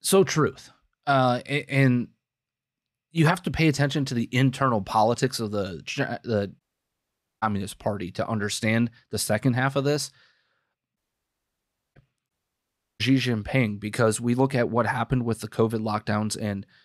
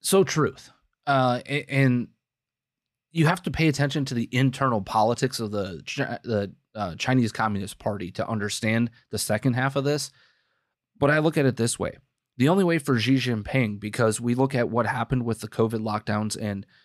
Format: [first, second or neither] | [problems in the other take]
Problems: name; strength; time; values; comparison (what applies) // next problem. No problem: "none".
second | audio cutting out; at 6.5 s for 1 s, at 11 s for 1 s and at 12 s for 0.5 s